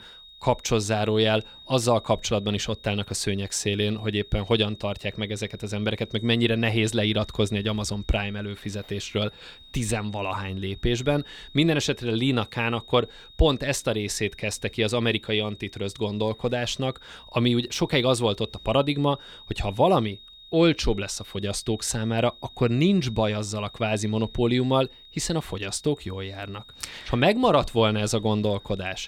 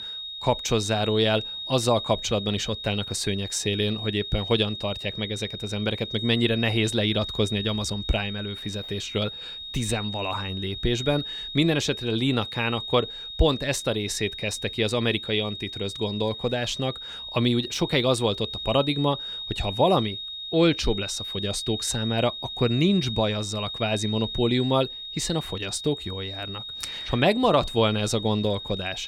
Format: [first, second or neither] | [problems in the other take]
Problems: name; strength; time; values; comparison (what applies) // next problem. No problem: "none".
first | high-pitched whine; loud; throughout; 3.5 kHz, 7 dB below the speech; faint in the first